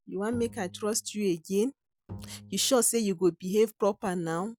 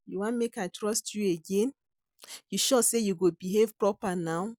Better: second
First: background sound (Bowed string instrument); 19 dB below the speech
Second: none

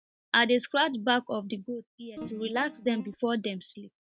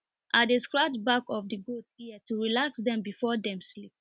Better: second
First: noise reduction (neural mask model DeepFilterNet 3)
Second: none

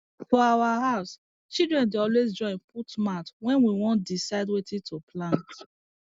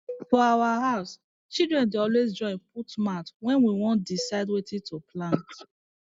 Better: first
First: none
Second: noise reduction (classical method log-MMSE)

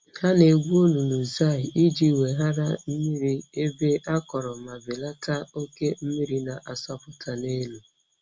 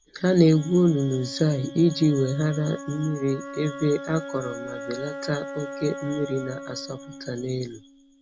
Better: first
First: none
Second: background sound (Wind instrument, woodwind instrument); 13 dB below the speech

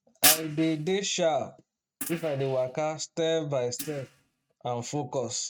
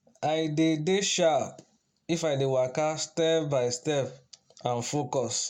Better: second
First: noise reduction (neural mask model RNNoise)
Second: none

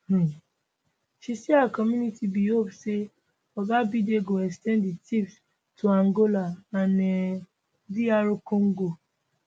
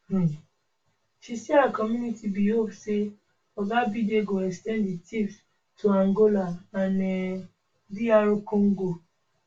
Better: first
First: none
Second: room echo; dies away in 0.2 s

